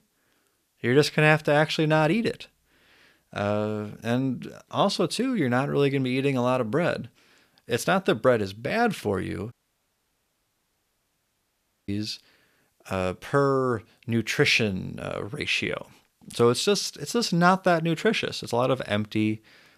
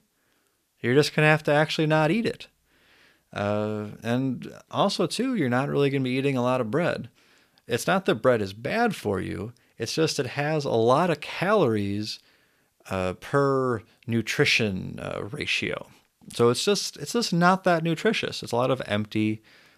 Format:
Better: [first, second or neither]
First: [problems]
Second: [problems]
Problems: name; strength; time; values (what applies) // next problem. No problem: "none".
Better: second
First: audio cutting out; at 9.5 s for 2.5 s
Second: none